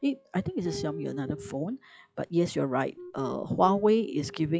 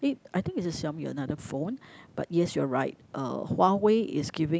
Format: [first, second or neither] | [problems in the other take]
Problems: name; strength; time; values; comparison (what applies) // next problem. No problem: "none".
second | noise reduction (classical method log-MMSE)